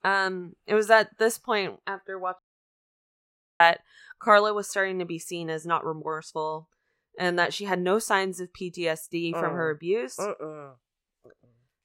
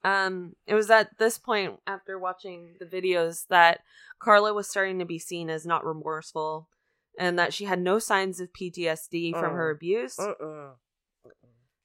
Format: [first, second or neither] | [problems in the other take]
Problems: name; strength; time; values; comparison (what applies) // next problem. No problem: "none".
second | audio cutting out; at 2.5 s for 1 s